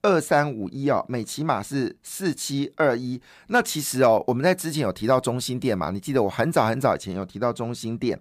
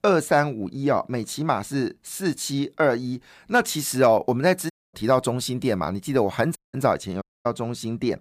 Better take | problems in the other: first | audio cutting out; at 4.5 s, at 6.5 s and at 7 s

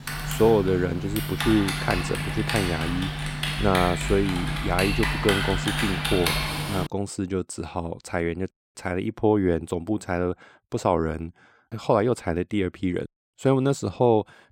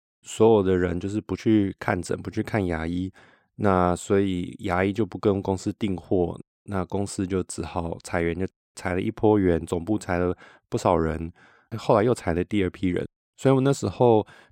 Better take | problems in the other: second | keyboard typing; loud; until 7 s; peak 2 dB above the speech

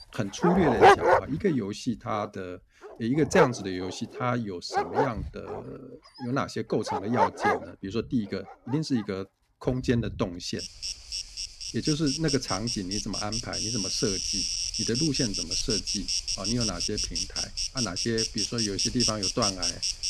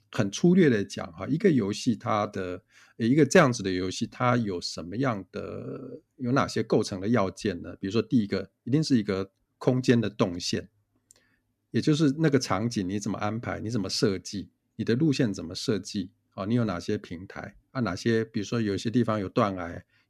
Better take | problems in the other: second | animal sounds; very loud; throughout; 3 dB above the speech

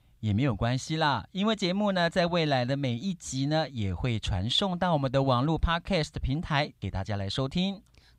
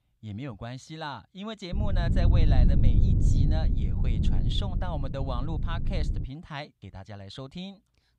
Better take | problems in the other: first | low rumble; loud; from 1.5 to 6 s; 2 dB below the speech

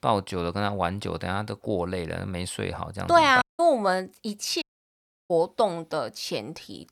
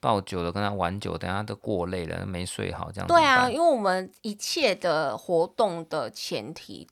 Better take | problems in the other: second | audio cutting out; at 3.5 s and at 4.5 s for 0.5 s

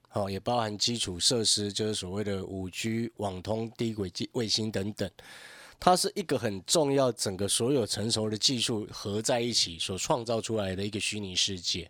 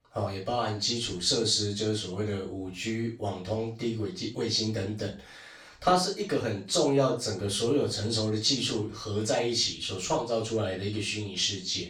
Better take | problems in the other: first | room echo; noticeable; dies away in 0.3 s // off-mic speech; far

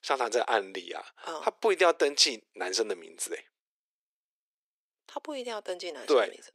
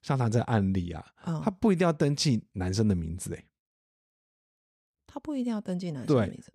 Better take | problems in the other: second | thin; very; fading below 350 Hz

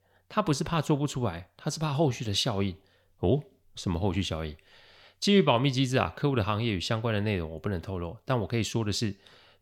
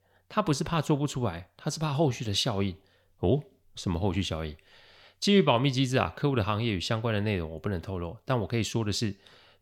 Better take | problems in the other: neither | none

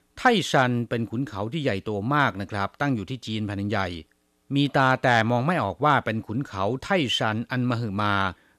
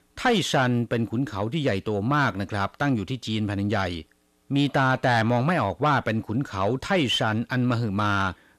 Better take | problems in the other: first | distortion; slight; 10 dB below the speech

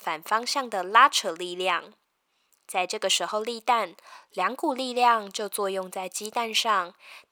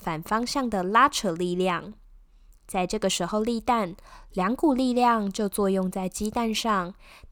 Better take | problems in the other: second | thin; somewhat; fading below 550 Hz

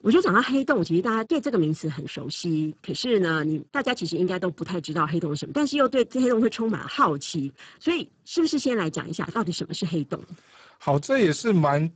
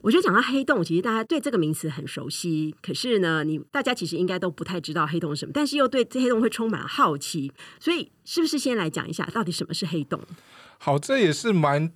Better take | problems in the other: second | garbled, watery; badly; nothing above 7.5 kHz

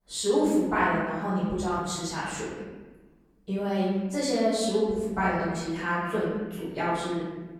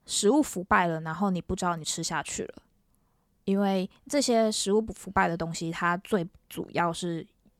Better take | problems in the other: second | off-mic speech; far // room echo; strong; dies away in 1.2 s

